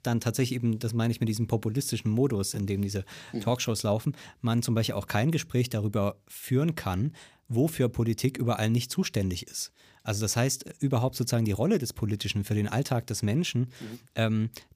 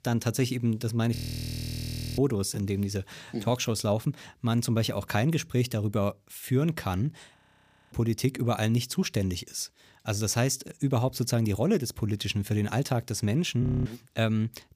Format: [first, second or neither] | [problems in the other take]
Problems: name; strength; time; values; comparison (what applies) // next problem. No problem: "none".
first | audio freezing; at 1 s for 1 s, at 7.5 s for 0.5 s and at 14 s